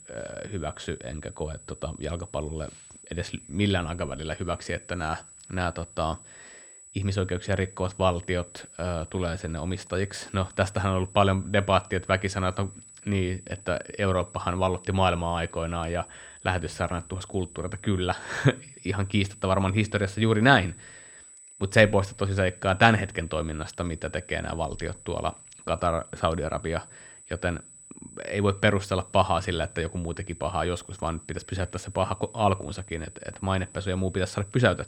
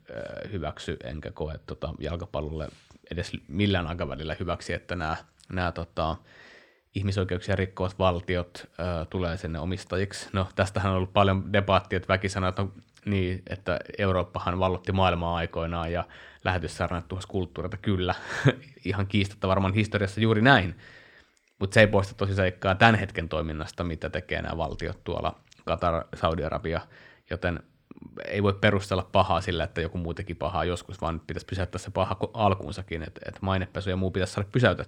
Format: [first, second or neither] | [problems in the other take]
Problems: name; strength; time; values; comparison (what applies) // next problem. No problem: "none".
second | high-pitched whine; noticeable; throughout; 8 kHz, 20 dB below the speech